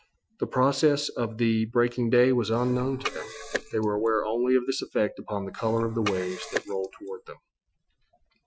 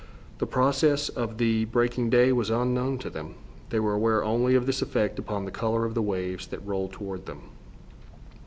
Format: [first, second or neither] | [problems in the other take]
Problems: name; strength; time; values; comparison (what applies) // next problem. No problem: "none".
second | noise reduction (classical method Wiener filter)